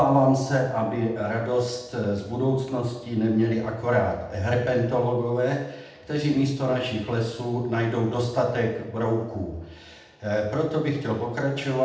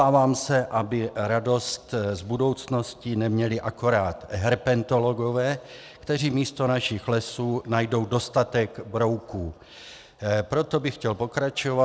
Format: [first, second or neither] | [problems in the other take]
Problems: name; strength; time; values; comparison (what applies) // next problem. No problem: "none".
second | room echo; dies away in 0.8 s